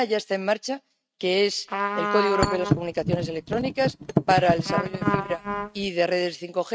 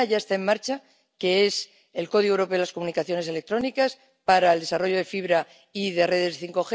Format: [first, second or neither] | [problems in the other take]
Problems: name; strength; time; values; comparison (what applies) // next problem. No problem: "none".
second | noise reduction (neural mask model RNNoise)